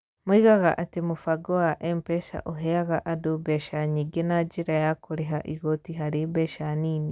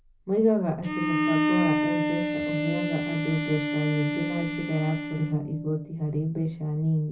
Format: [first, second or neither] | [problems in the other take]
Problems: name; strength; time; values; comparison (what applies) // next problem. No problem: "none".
first | background sound (Bowed string instrument); 1 dB below the speech // room echo; dies away in 0.4 s